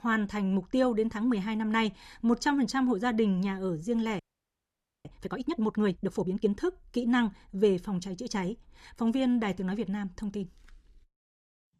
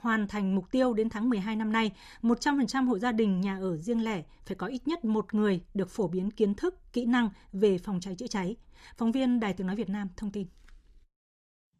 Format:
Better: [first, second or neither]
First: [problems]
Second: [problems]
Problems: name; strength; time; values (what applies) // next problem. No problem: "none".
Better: second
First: audio freezing; at 4 s for 1 s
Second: none